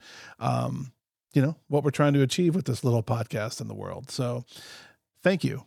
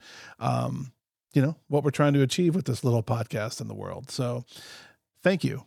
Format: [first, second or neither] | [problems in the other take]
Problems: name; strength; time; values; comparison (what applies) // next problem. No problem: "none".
neither | none